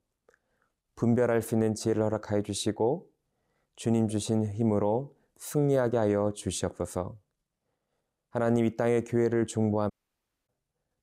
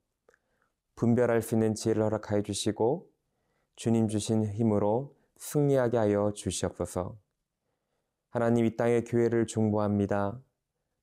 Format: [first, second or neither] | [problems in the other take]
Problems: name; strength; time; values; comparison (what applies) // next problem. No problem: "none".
second | audio cutting out; at 10 s for 0.5 s